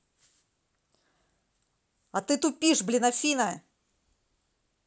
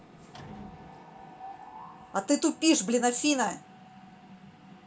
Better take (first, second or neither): first